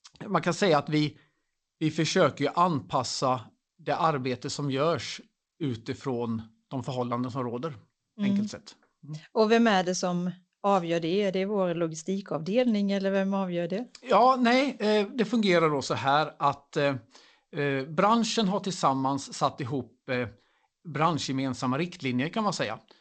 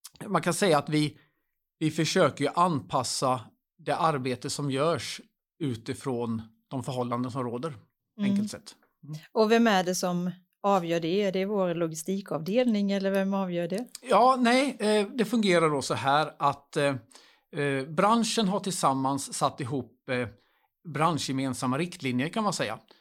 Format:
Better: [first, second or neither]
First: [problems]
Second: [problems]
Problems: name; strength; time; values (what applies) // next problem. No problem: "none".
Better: second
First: garbled, watery; slightly; nothing above 8 kHz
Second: none